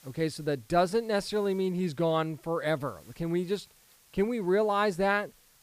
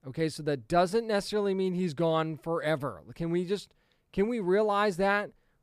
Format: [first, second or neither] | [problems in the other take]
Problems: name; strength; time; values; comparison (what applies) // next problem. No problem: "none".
second | hiss; faint; throughout; 30 dB below the speech